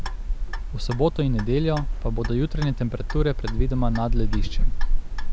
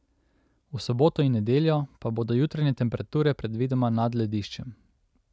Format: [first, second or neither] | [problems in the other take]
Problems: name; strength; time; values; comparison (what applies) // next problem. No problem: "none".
second | background sound (Clock); 4 dB above the speech